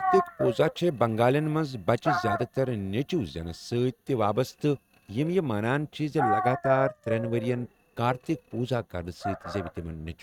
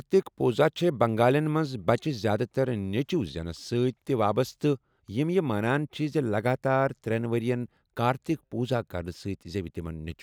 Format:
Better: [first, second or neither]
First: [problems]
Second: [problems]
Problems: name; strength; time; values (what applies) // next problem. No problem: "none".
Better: second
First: noise reduction (neural mask model RNNoise)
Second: none